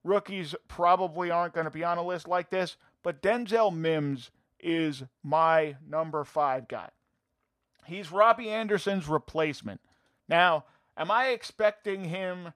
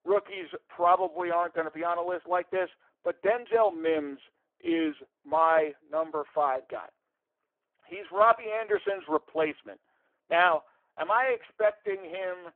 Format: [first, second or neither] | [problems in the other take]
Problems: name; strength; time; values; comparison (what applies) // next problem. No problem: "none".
first | phone-call audio; poor line